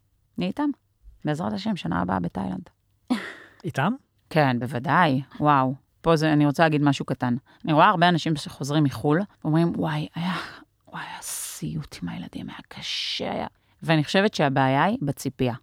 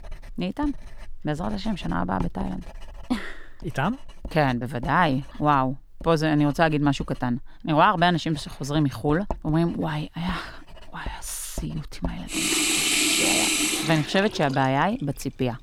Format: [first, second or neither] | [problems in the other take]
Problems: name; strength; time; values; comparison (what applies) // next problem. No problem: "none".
first | household noises; very loud; throughout; 1 dB above the speech